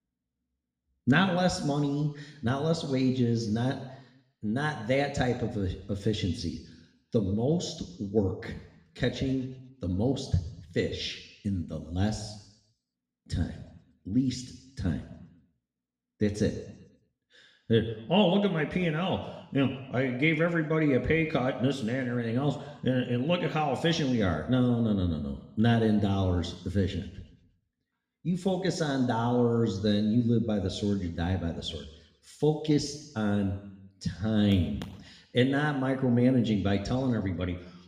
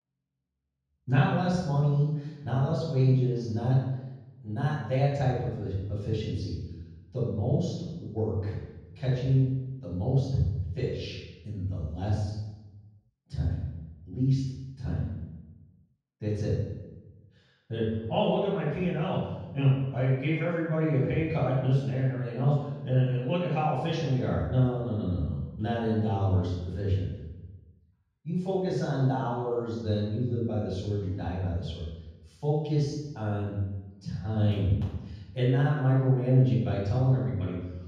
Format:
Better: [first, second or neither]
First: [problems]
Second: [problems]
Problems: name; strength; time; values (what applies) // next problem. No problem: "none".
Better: first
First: room echo; slight; dies away in 0.9 s // off-mic speech; somewhat distant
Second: room echo; strong; dies away in 1.3 s // off-mic speech; far